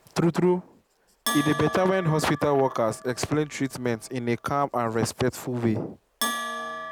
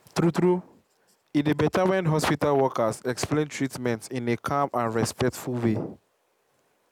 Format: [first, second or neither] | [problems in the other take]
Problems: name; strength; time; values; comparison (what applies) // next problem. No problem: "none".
second | background sound (Bell); 11 dB below the speech